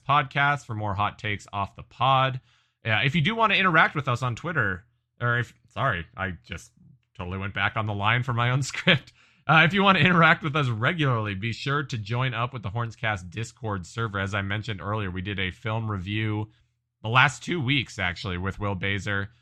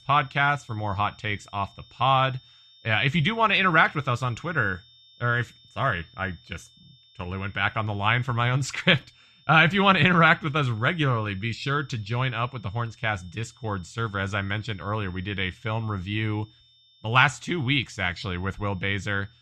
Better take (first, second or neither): first